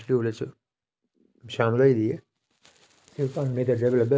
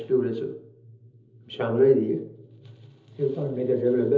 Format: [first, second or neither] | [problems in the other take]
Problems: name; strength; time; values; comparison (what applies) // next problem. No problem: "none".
first | room echo; dies away in 1.2 s